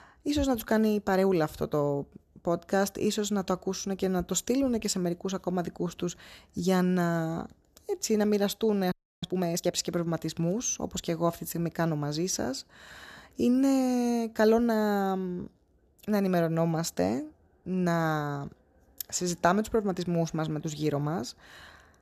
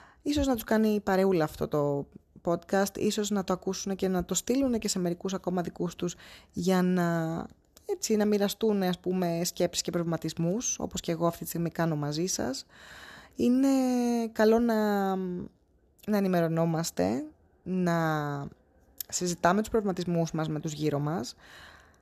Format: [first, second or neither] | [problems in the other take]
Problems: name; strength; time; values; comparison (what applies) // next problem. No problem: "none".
second | audio freezing; at 9 s